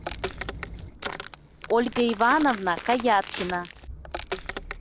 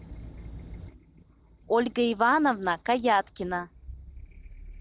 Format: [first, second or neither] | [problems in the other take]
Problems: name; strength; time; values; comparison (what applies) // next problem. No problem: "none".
second | background sound (Walk, footsteps); 10 dB below the speech